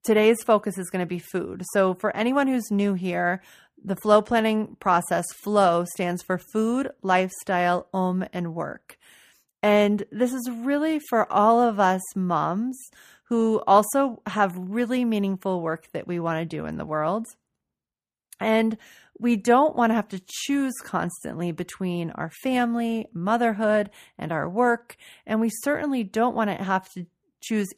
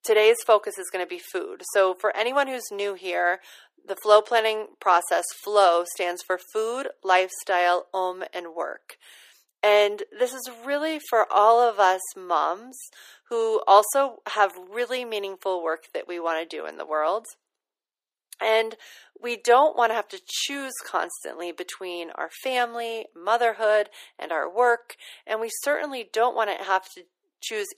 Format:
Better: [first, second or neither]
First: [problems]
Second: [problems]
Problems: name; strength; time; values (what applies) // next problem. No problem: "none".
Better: first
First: none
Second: thin; very; fading below 350 Hz